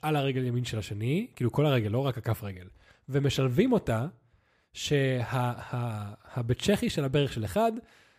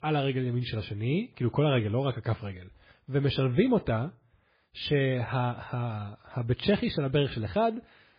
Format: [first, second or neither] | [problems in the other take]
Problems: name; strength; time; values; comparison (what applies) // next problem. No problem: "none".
first | garbled, watery; badly; nothing above 4 kHz